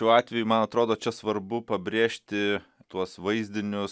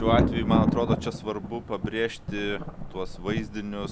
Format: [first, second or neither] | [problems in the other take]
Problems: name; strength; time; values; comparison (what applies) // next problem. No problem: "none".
first | background sound (Thunder); 1 dB above the speech